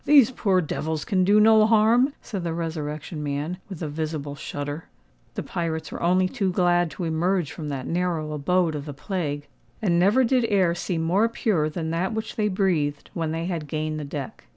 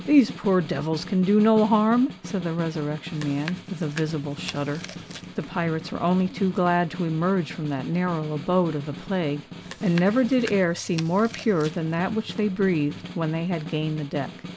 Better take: first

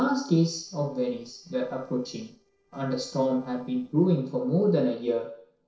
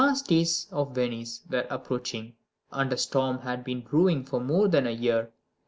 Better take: second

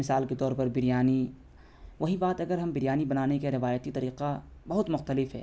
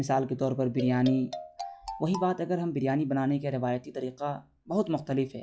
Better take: first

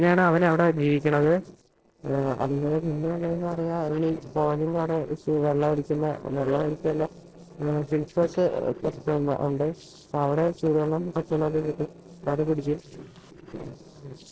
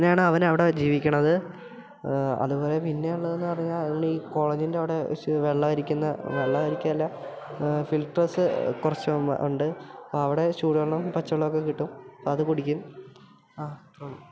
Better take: second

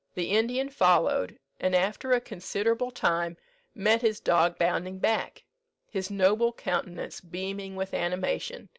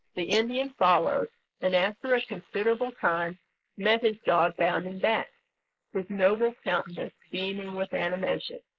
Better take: first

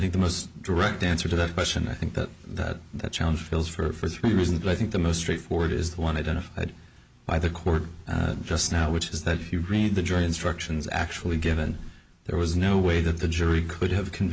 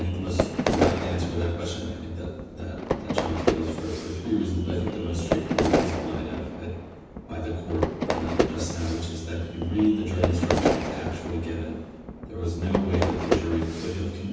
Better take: first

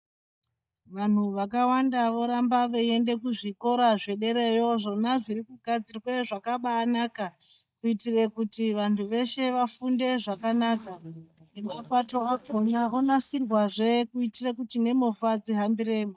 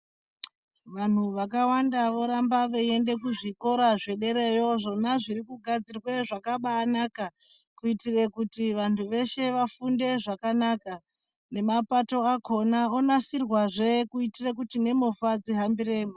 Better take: second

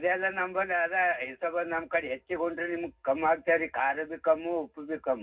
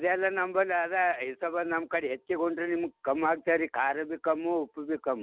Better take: second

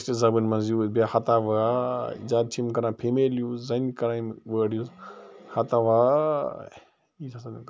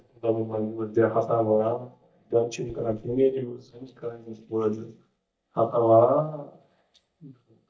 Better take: first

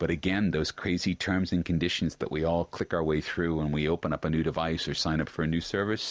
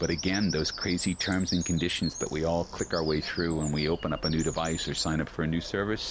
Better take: first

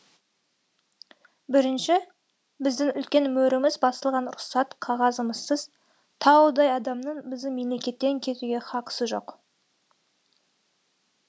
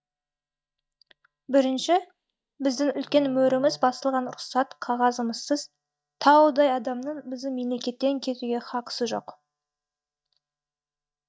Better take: first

